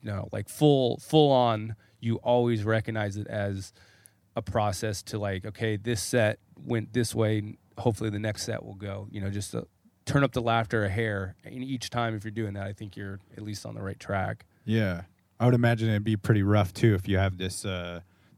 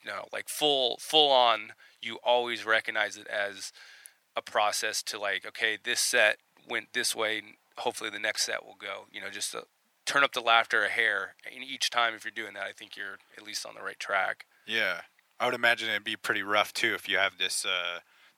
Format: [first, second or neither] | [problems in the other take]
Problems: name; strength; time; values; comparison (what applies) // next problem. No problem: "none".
first | thin; very; fading below 800 Hz